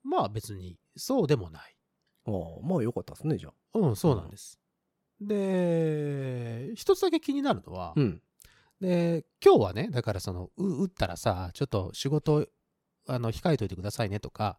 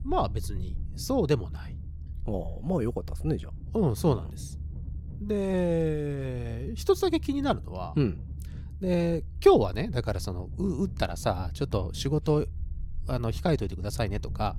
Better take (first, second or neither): first